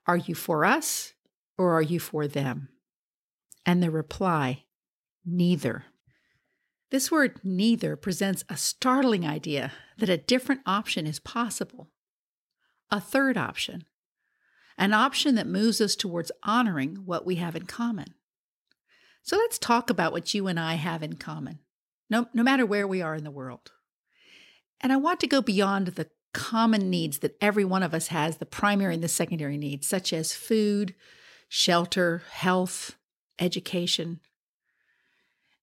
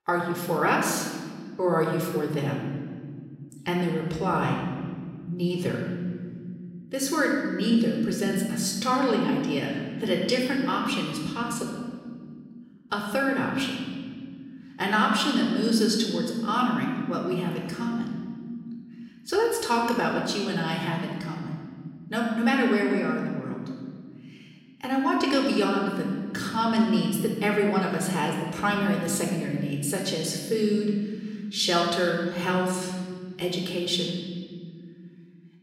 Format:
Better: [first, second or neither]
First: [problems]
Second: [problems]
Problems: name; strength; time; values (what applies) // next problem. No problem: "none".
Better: first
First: none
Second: room echo; noticeable; dies away in 1.9 s // off-mic speech; somewhat distant